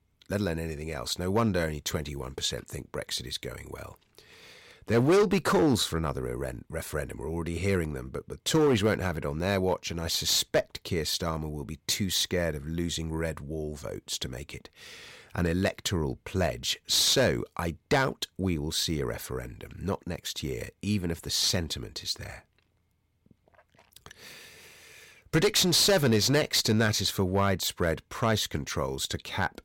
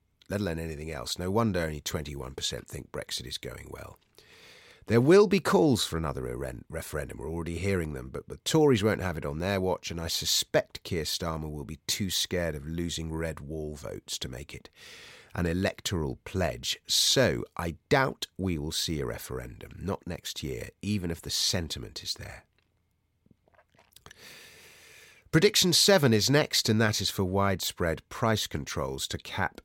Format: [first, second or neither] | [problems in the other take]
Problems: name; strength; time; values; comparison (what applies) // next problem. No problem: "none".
second | distortion; slight; 3% of the sound clipped